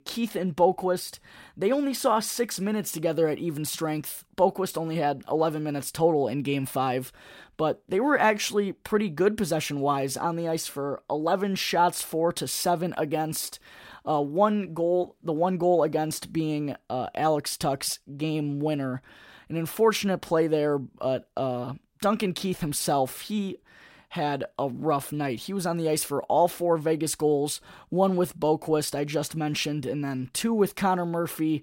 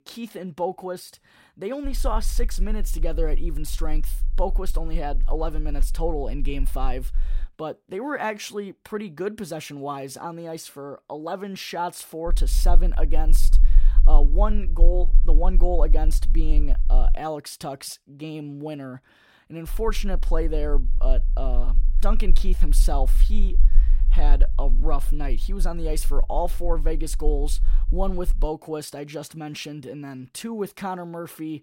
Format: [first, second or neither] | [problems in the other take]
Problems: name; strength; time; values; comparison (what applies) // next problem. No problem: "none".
first | low rumble; faint; from 2 to 7.5 s, from 12 to 17 s and from 20 to 28 s; 20 dB below the speech